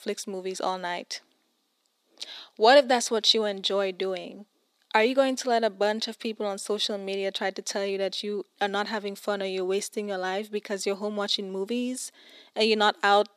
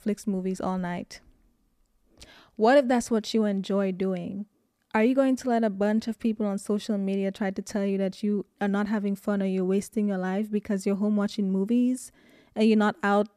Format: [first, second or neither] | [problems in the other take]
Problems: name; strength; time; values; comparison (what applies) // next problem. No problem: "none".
second | thin; somewhat; fading below 350 Hz